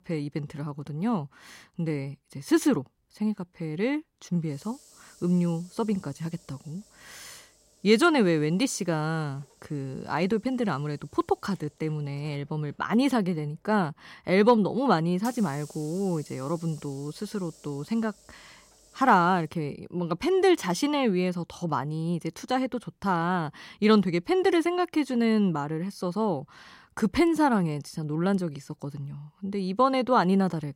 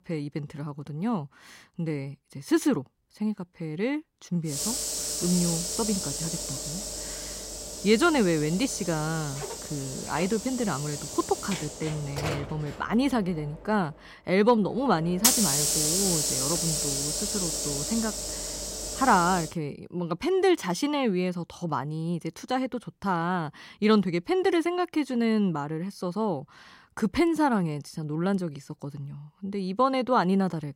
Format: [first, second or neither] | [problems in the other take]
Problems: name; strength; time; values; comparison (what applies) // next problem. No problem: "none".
first | hiss; loud; from 4.5 to 19 s; 1 dB below the speech; faint in the first